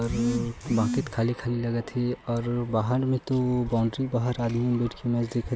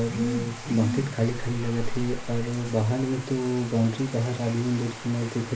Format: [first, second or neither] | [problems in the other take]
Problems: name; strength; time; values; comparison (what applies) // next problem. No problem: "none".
first | background sound (Bathtub (filling or washing)); 9 dB below the speech // room echo; dies away in 0.3 s